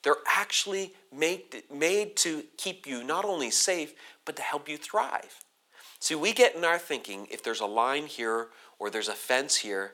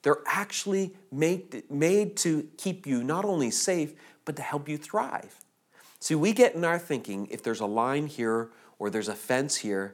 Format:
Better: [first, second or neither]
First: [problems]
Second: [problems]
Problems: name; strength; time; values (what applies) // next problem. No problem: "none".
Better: second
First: thin; somewhat; fading below 500 Hz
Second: none